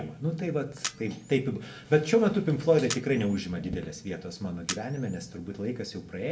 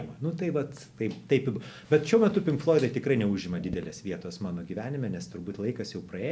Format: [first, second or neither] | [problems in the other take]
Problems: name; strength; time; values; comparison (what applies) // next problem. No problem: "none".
second | background sound (Camera); 14 dB below the speech // room echo; dies away in 0.5 s